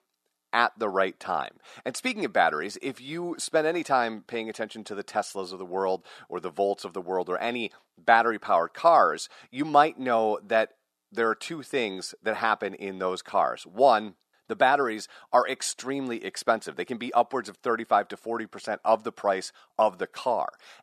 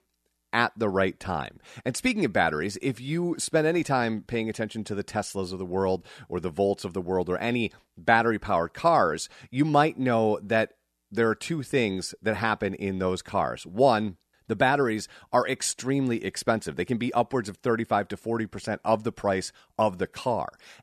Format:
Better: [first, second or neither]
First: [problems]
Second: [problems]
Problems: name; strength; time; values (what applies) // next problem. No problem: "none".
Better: second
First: thin; somewhat; fading below 250 Hz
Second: none